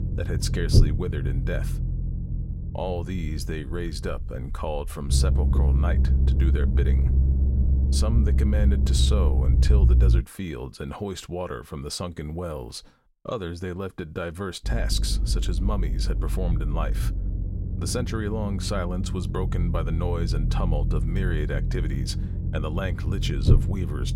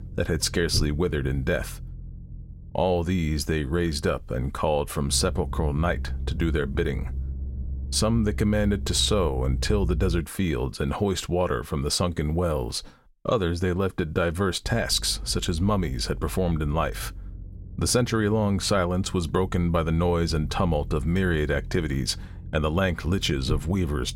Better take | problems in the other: second | low rumble; loud; until 10 s and from 15 s on; 6 dB below the speech; faint in the second

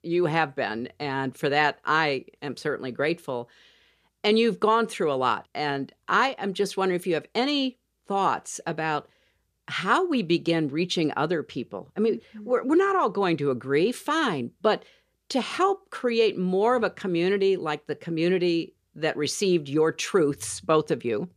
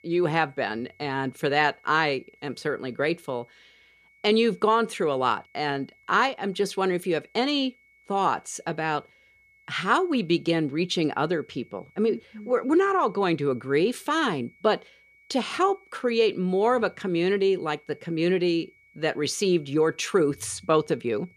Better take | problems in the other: first | high-pitched whine; faint; throughout; 2.5 kHz, 30 dB below the speech

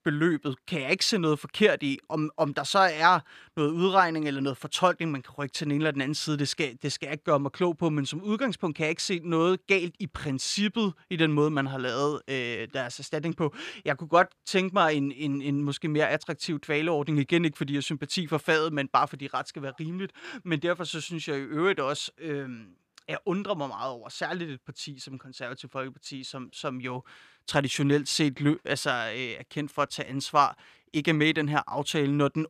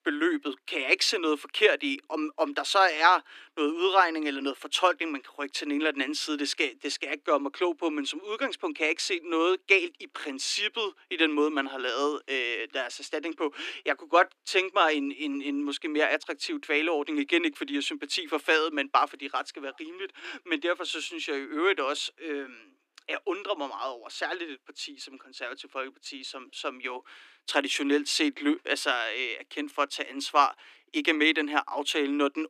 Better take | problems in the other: first | thin; very slightly; fading below 300 Hz

